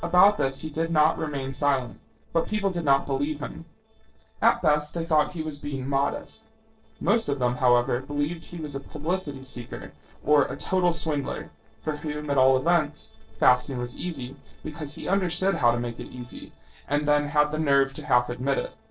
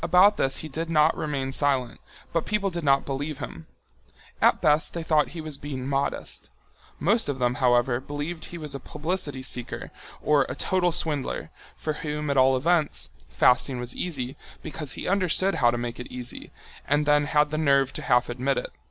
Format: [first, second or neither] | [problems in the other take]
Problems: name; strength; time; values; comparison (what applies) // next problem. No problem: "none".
second | noise reduction (neural separator model SepFormer DNS4)